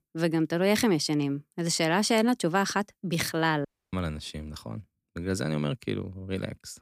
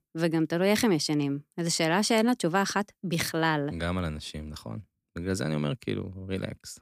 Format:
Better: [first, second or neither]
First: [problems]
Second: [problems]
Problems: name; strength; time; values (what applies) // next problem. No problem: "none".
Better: second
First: audio cutting out; at 3.5 s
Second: none